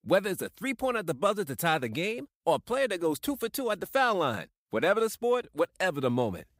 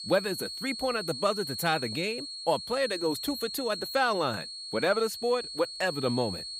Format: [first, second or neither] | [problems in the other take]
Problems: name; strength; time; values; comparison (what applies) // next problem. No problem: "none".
first | high-pitched whine; loud; throughout; 4.5 kHz, 6 dB below the speech